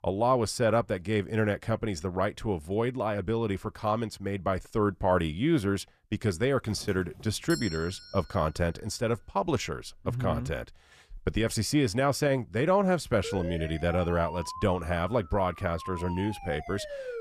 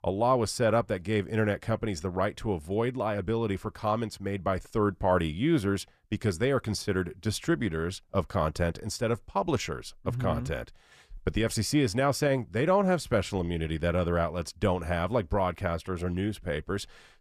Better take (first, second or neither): second